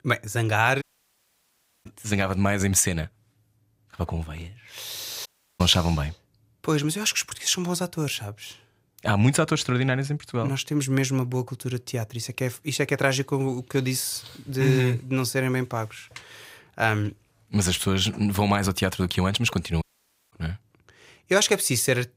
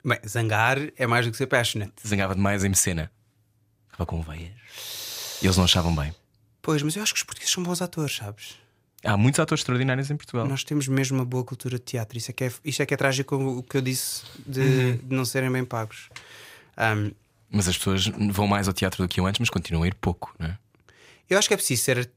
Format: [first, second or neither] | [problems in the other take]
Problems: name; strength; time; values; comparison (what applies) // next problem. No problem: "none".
second | audio cutting out; at 1 s for 1 s, at 5.5 s and at 20 s for 0.5 s